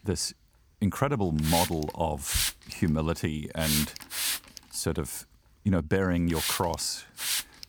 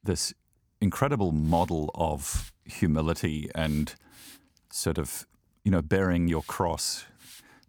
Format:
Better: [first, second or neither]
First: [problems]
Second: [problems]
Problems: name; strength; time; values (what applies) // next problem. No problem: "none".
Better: second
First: hiss; loud; throughout; as loud as the speech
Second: hiss; faint; throughout; 20 dB below the speech